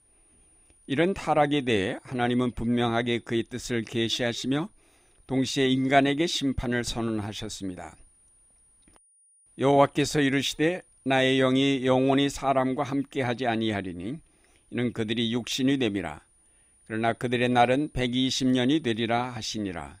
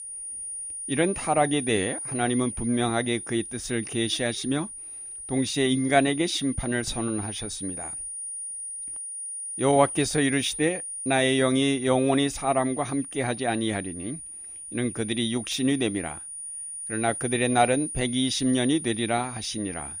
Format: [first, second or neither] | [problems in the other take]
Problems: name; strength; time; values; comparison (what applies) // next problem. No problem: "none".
first | high-pitched whine; loud; throughout; 9.5 kHz, 8 dB below the speech; faint in the first